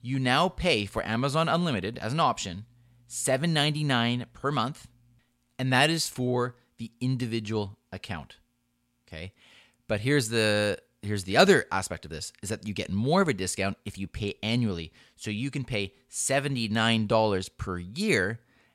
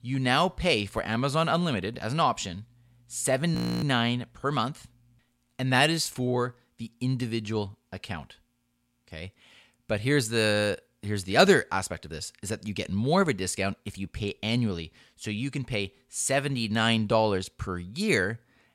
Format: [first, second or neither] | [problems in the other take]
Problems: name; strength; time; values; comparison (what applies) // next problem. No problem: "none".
first | audio freezing; at 3.5 s